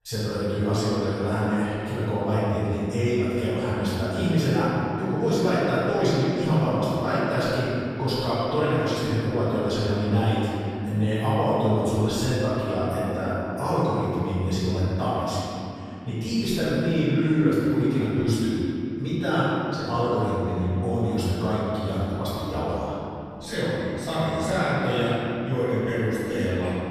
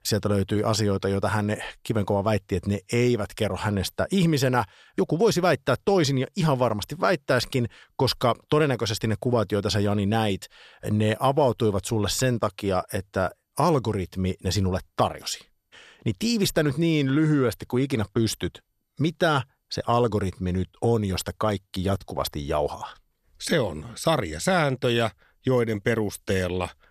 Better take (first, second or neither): second